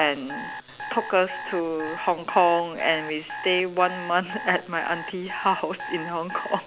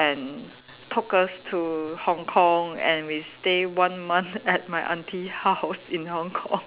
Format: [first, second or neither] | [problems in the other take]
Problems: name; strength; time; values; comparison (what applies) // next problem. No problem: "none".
second | background sound (Alarm); 11 dB below the speech